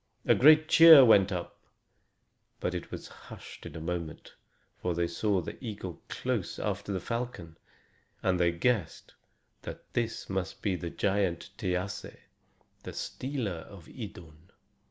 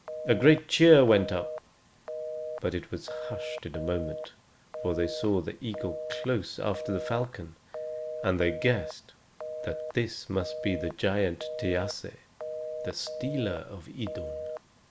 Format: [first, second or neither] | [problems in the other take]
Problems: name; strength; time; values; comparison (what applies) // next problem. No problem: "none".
first | background sound (Telephone); 9 dB below the speech